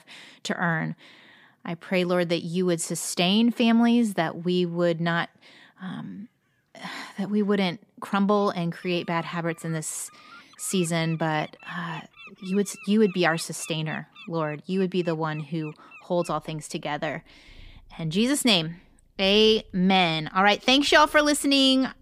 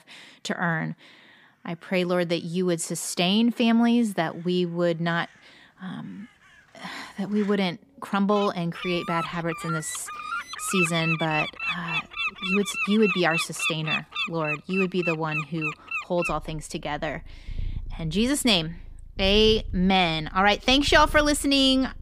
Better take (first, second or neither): first